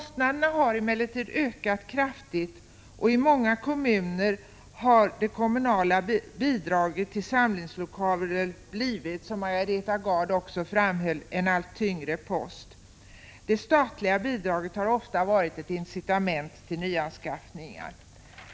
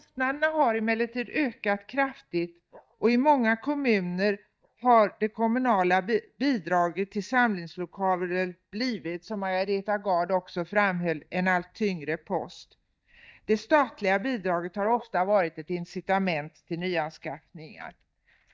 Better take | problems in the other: first | noise reduction (neural mask model DeepFilterNet 3)

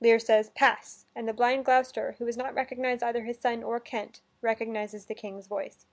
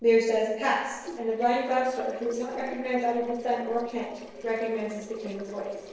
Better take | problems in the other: first | noise reduction (neural separator model SepFormer DNS4)

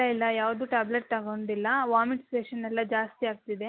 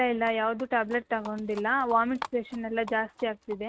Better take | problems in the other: first | noise reduction (neural mask model RNNoise)

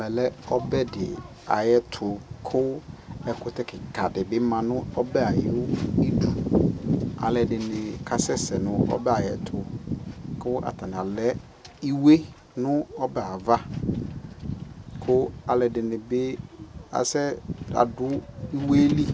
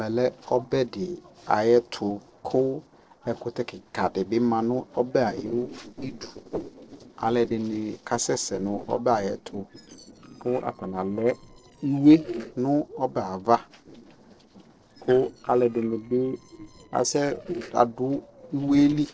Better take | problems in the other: first | noise reduction (neural separator model SepFormer DNS4)

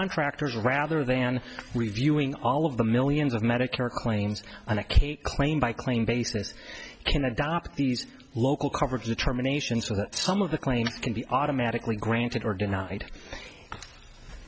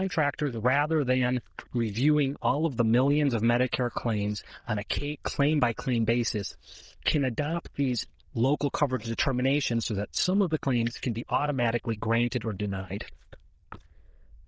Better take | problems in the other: first | noise reduction (neural diffusion model UNIVERSE++)

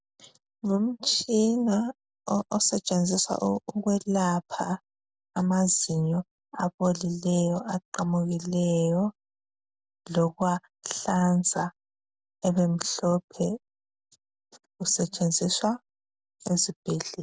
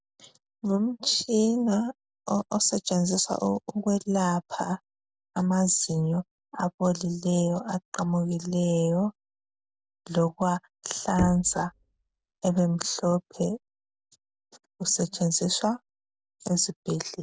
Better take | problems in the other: first | background sound (Knock); 11 dB below the speech

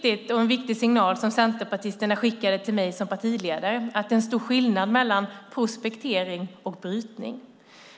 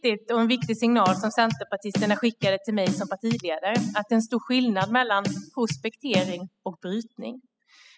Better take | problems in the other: first | noise reduction (classical method spectral subtraction)

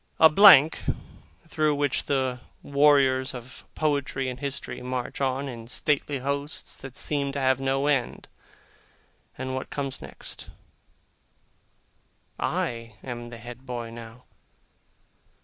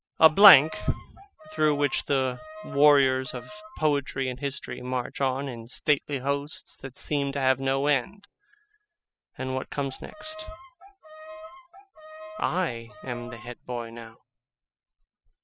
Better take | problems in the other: first | noise reduction (classical method spectral subtraction)

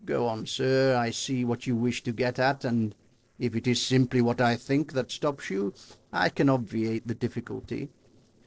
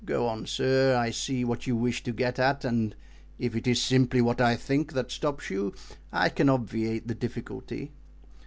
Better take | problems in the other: second | noise reduction (neural separator model SepFormer DNS4)

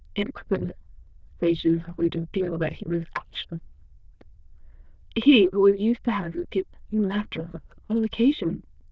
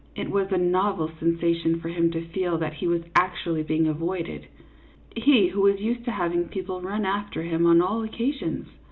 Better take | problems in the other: second | noise reduction (neural diffusion model UNIVERSE++)

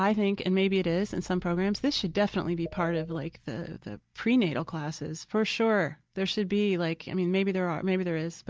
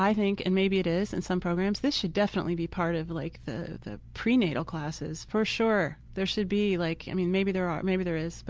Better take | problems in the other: second | noise reduction (neural mask model DeepFilterNet 3)

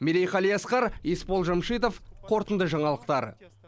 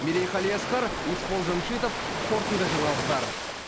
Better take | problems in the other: first | background sound (Ocean); 2 dB below the speech

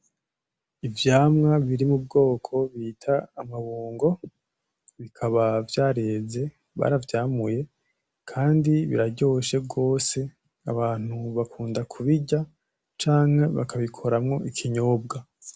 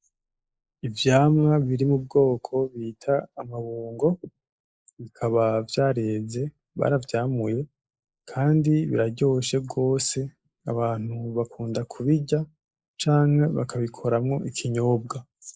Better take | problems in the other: first | noise reduction (neural mask model Resemble Enhance denoiser)

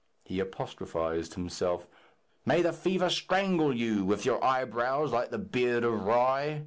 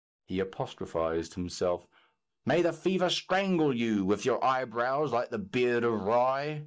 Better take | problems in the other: first | noise reduction (neural mask model DeepFilterNet 3)

